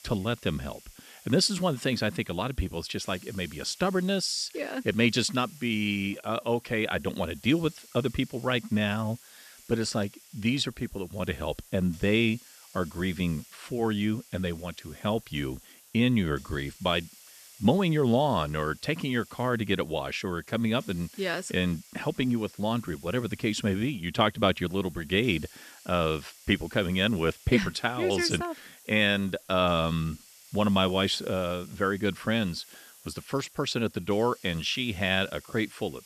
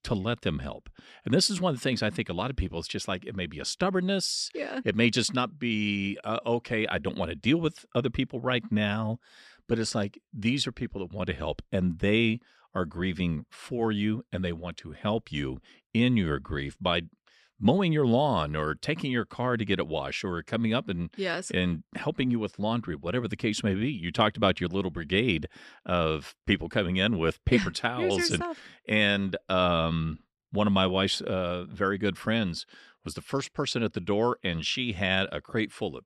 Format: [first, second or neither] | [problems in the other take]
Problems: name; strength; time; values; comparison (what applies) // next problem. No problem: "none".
second | hiss; faint; throughout; 20 dB below the speech